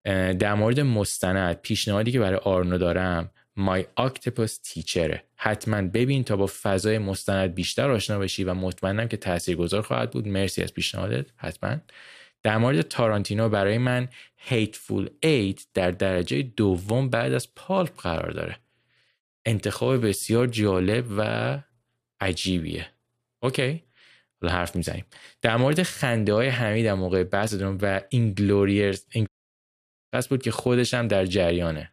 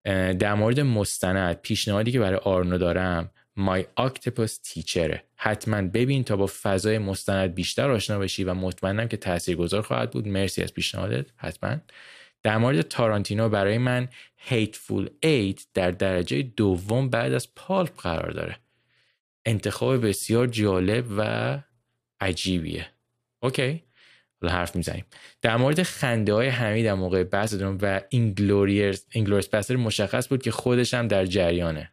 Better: second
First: audio cutting out; at 29 s for 1 s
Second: none

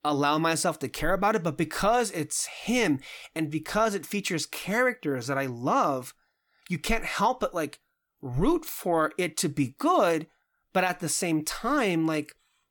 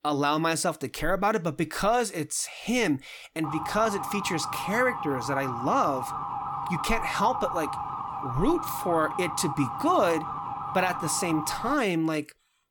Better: first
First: none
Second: siren; noticeable; from 3.5 to 12 s; peak 4 dB below the speech

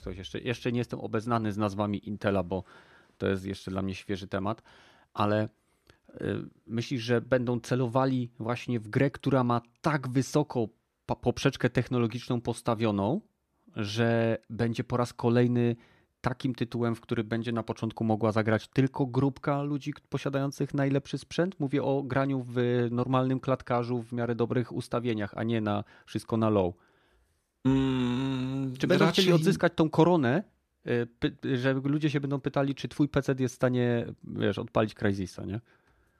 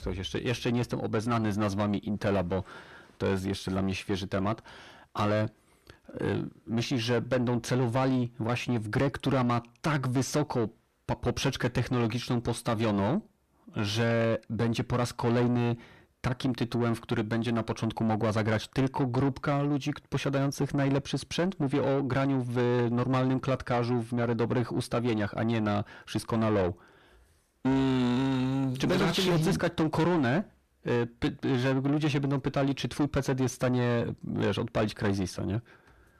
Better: first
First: none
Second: distortion; heavy; 7 dB below the speech

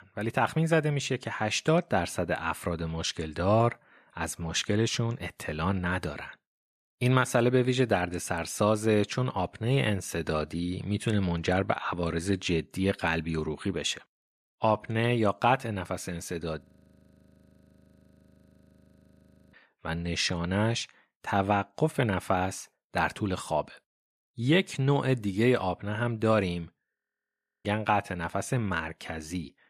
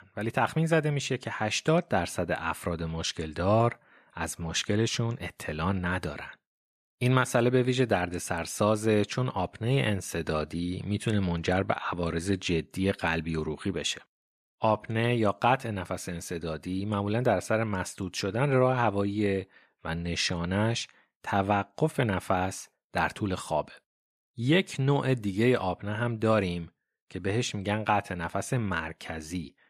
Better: second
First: audio freezing; at 17 s for 3 s and at 27 s for 0.5 s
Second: none

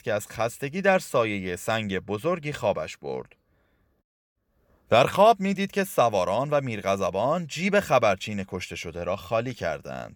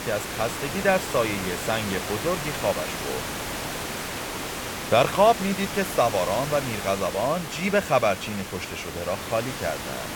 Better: first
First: none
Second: hiss; loud; throughout; 6 dB below the speech

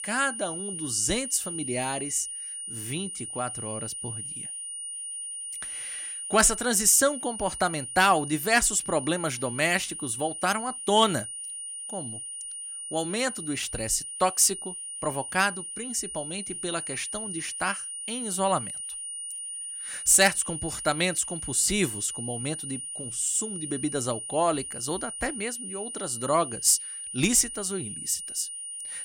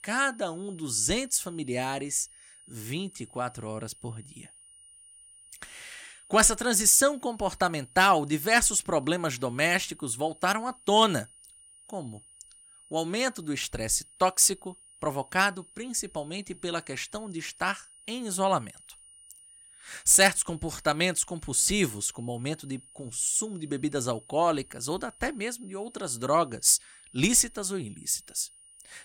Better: second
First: high-pitched whine; loud; throughout; 9.5 kHz, 8 dB below the speech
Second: high-pitched whine; faint; throughout; 9.5 kHz, 25 dB below the speech

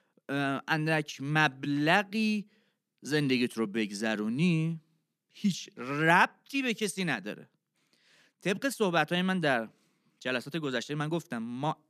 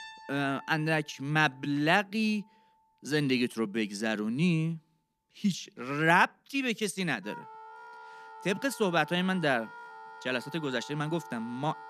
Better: first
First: none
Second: background music; noticeable; throughout; 20 dB below the speech

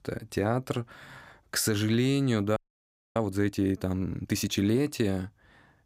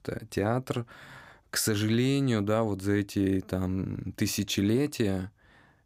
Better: second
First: audio freezing; at 2.5 s for 0.5 s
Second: none

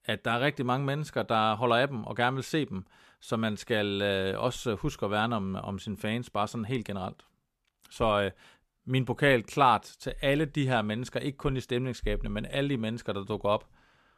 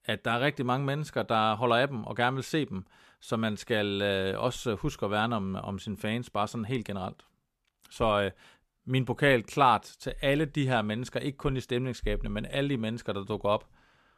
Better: neither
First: none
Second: none

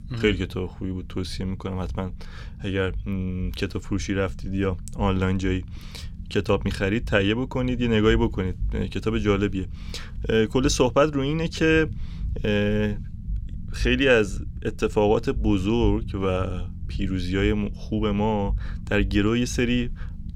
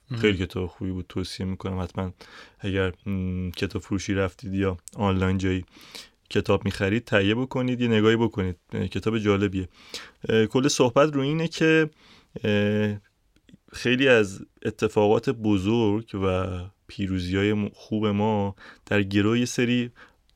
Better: second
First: low rumble; faint; throughout; 25 dB below the speech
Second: none

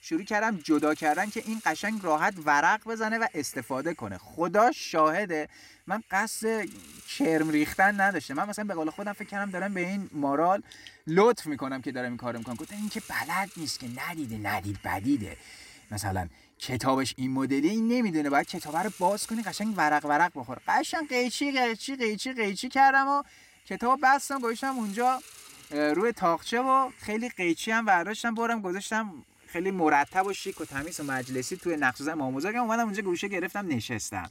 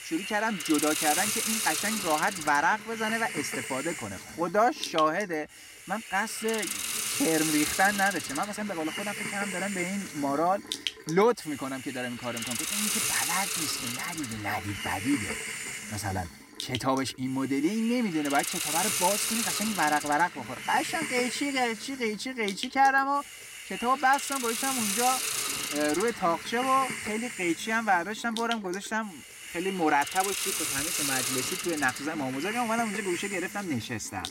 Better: first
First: hiss; faint; throughout; 20 dB below the speech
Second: hiss; loud; throughout; 2 dB below the speech

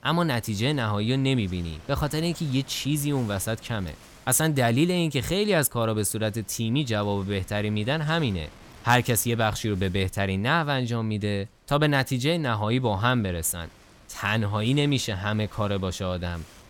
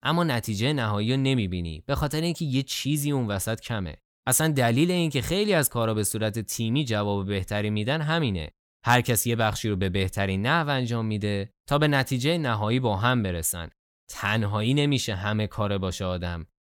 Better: second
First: wind noise on the microphone; occasional gusts; 25 dB below the speech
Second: none

